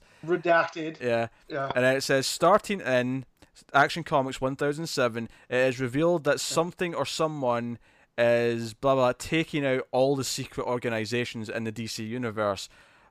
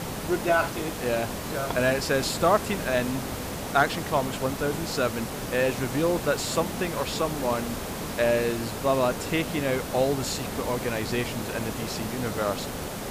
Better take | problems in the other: first | hiss; loud; throughout; 5 dB below the speech

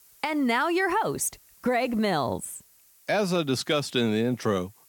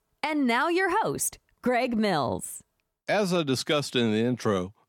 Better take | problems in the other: second | hiss; faint; throughout; 30 dB below the speech

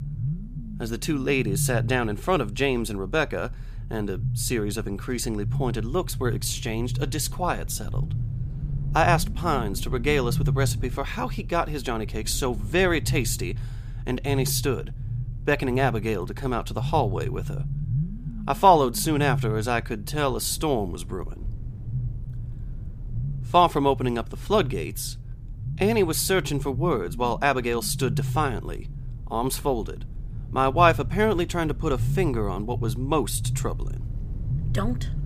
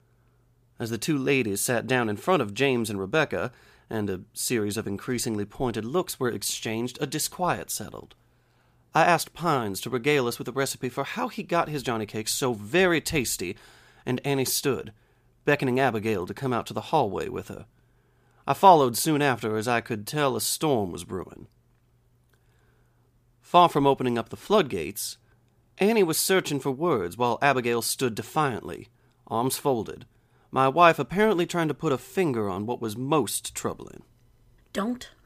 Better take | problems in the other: second | low rumble; noticeable; throughout; 20 dB below the speech

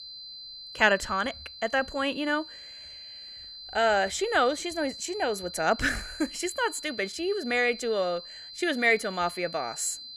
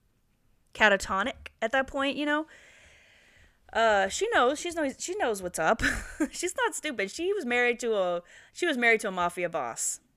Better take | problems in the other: second | high-pitched whine; noticeable; throughout; 4 kHz, 15 dB below the speech

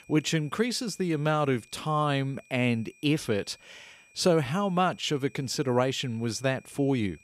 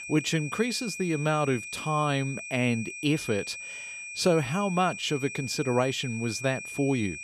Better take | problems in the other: first | high-pitched whine; loud; throughout; 2.5 kHz, 9 dB below the speech; faint in the first

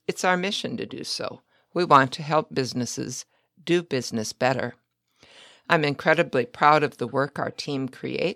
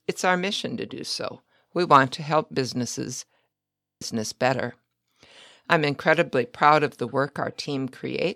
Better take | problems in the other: first | audio freezing; at 3.5 s

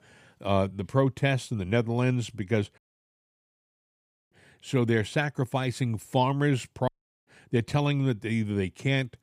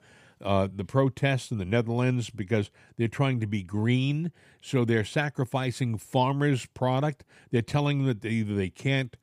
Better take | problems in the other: second | audio cutting out; at 3 s for 1.5 s and at 7 s

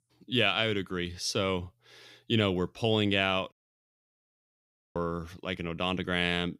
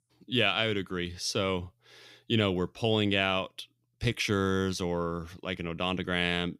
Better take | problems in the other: second | audio cutting out; at 3.5 s for 1.5 s

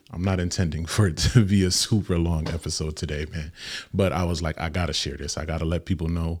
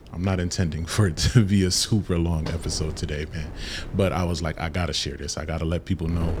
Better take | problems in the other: first | wind noise on the microphone; occasional gusts; 20 dB below the speech

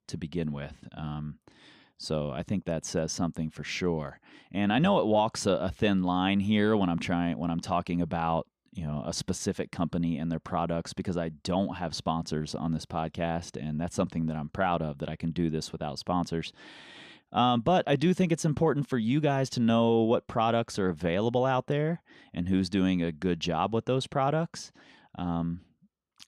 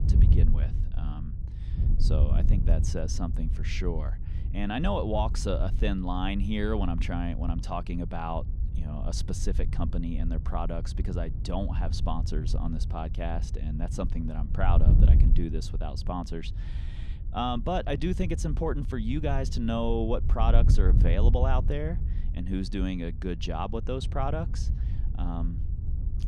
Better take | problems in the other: first | wind noise on the microphone; occasional gusts; 10 dB below the speech

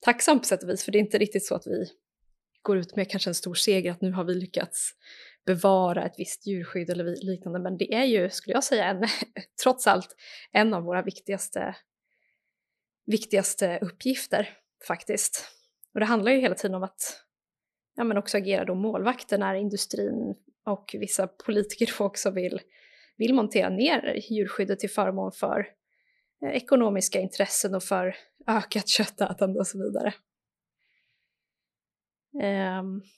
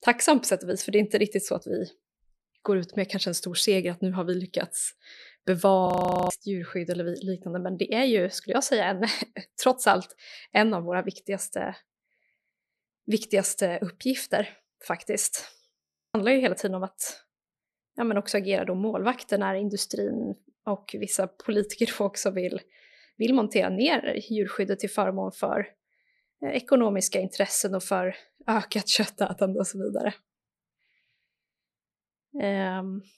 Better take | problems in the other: first | audio freezing; at 6 s and at 16 s

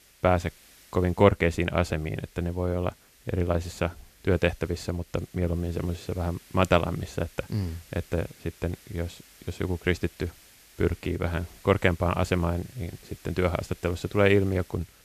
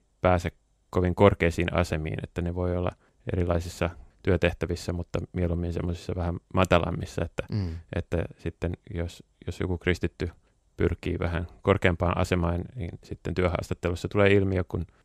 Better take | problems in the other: second | hiss; faint; throughout; 25 dB below the speech

